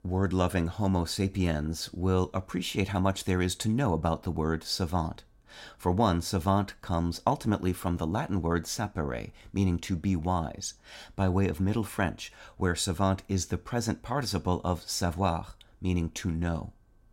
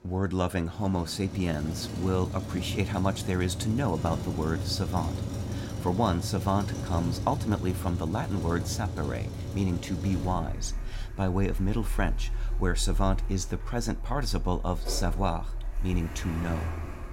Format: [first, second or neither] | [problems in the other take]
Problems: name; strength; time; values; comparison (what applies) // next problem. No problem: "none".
first | traffic noise; loud; throughout; 5 dB below the speech